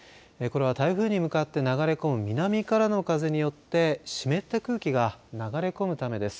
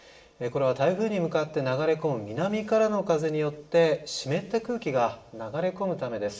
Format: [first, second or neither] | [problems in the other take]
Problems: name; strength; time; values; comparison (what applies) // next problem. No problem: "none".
first | room echo; dies away in 0.7 s